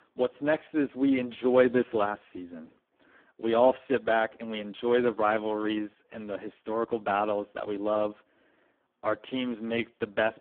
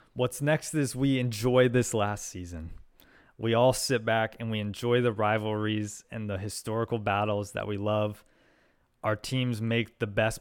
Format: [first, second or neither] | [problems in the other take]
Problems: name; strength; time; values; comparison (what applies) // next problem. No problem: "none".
second | phone-call audio; poor line